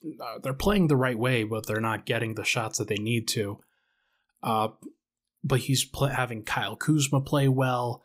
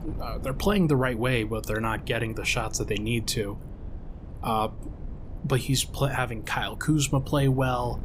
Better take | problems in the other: first | wind noise on the microphone; occasional gusts; 20 dB below the speech

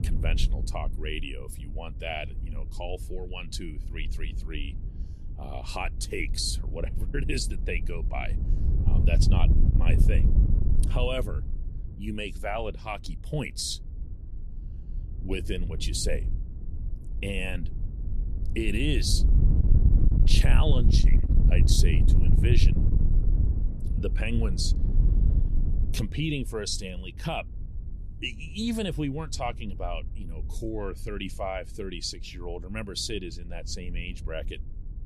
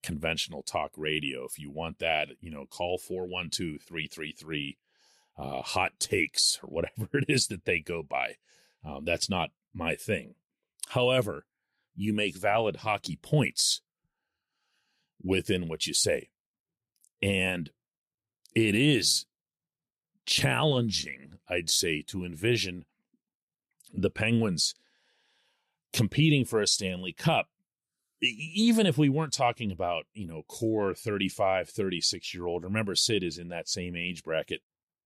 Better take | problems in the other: second | wind noise on the microphone; heavy; 9 dB below the speech

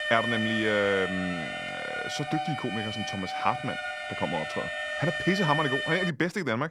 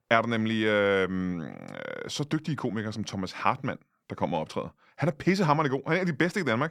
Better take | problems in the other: second | alarm; loud; until 6 s; peak 1 dB above the speech

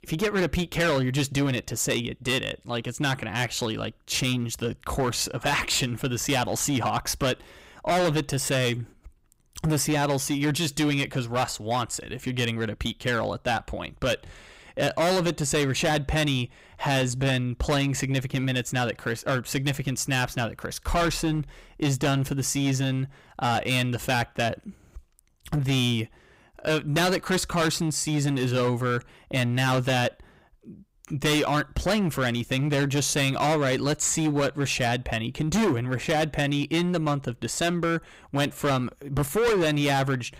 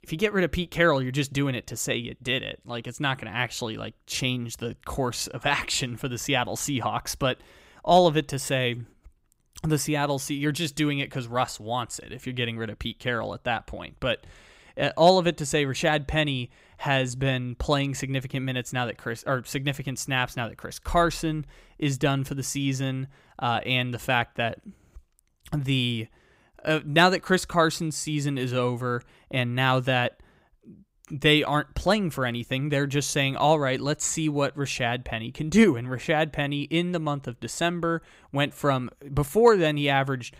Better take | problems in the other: second | distortion; heavy; 13% of the sound clipped

